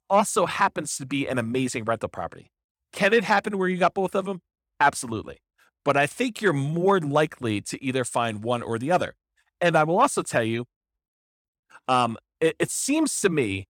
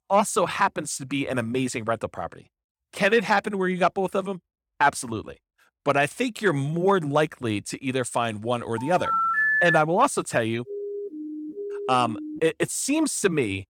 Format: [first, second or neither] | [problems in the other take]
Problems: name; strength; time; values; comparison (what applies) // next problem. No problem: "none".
first | phone ringing; loud; from 9 to 10 s; peak 5 dB above the speech // siren; noticeable; from 11 to 12 s; peak 8 dB below the speech